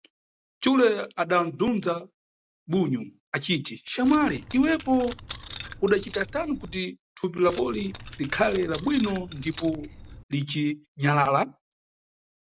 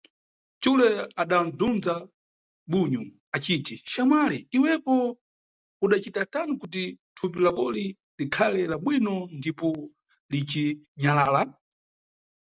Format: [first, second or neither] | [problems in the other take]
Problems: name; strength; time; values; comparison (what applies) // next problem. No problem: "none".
second | background sound (Keys jangling); 15 dB below the speech